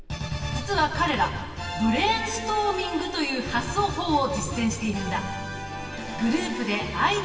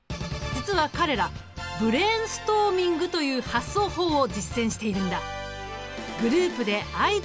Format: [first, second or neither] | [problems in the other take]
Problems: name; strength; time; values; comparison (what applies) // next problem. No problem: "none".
second | background sound (Drawer open or close); 20 dB below the speech // room echo; dies away in 2.6 s